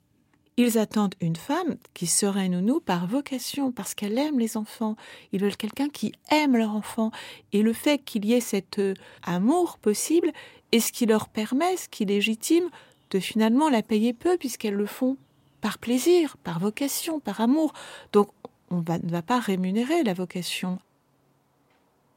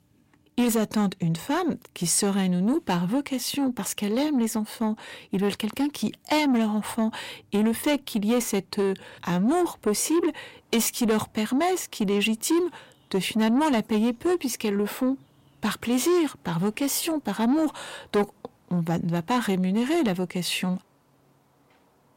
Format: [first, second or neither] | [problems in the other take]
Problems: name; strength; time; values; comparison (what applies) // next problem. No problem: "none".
first | distortion; slight; 10 dB below the speech